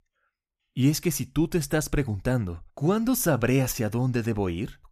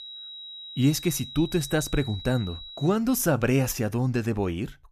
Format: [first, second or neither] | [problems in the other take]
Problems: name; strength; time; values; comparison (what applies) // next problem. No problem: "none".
first | high-pitched whine; noticeable; until 3 s; 4 kHz, 15 dB below the speech